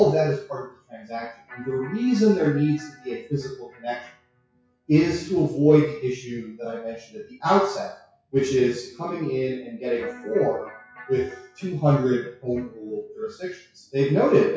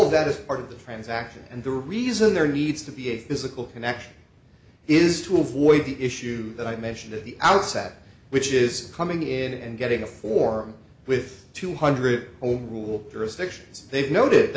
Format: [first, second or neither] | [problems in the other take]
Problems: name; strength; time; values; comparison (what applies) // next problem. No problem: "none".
second | noise reduction (classical method WPE with log-MMSE)